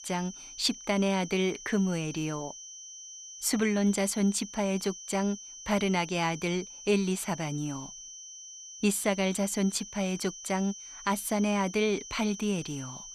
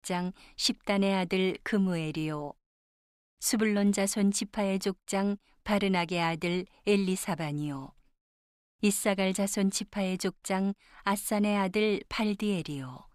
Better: second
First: high-pitched whine; noticeable; throughout; 6 kHz, 15 dB below the speech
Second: none

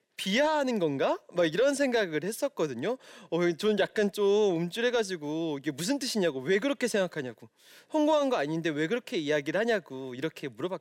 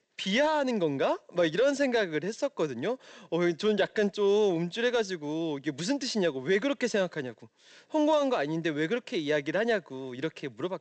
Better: first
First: none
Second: garbled, watery; slightly; nothing above 8 kHz

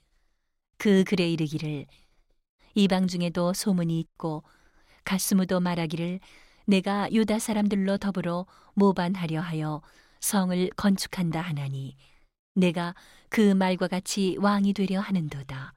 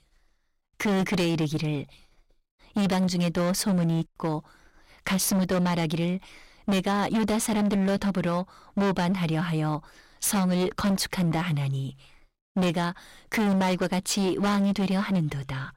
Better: first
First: none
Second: distortion; heavy; 19% of the sound clipped

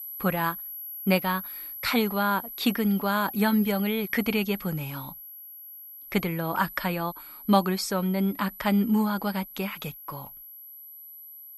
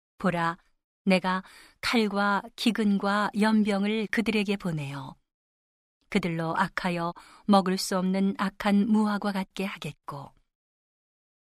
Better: second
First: high-pitched whine; noticeable; throughout; 11.5 kHz, 10 dB below the speech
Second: none

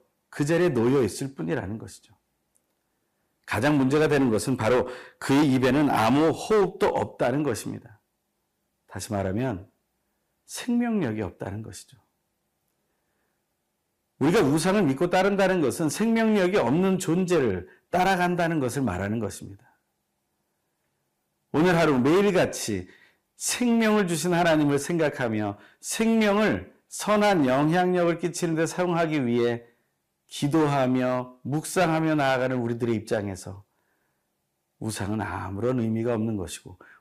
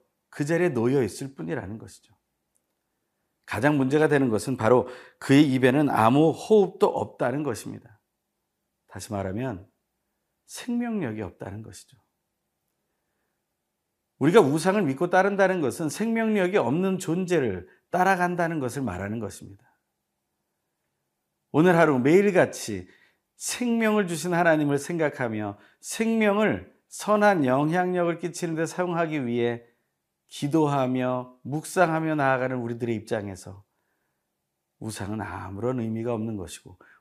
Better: second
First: distortion; heavy; 7% of the sound clipped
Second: none

